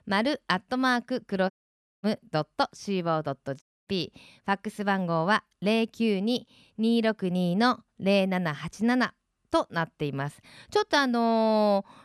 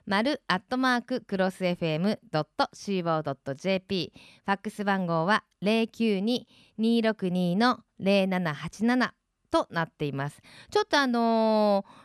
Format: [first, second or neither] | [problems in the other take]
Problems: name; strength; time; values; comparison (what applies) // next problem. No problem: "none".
second | audio cutting out; at 1.5 s for 0.5 s and at 3.5 s